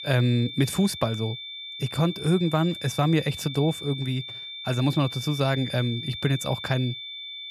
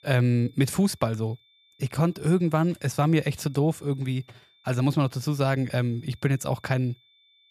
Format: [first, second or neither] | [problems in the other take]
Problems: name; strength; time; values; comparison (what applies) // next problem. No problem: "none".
second | high-pitched whine; loud; throughout; 3.5 kHz, 9 dB below the speech; faint in the second